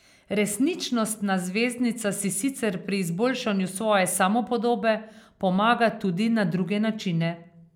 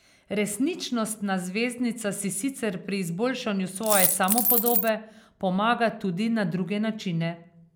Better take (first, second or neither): first